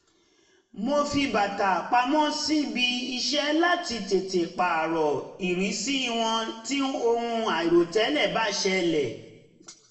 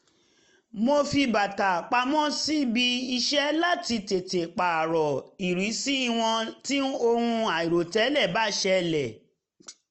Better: second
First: room echo; dies away in 0.9 s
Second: none

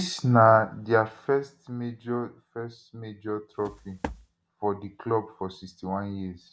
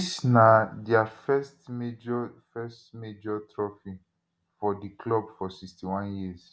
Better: second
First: background sound (Walk, footsteps); 12 dB below the speech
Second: none

